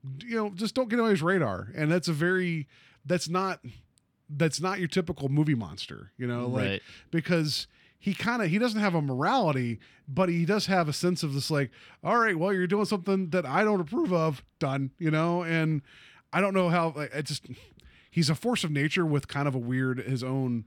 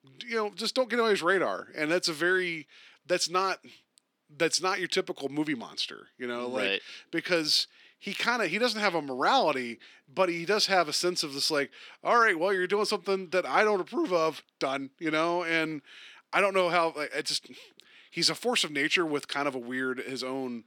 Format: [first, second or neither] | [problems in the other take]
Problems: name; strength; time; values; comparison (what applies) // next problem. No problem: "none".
first | thin; somewhat; fading below 300 Hz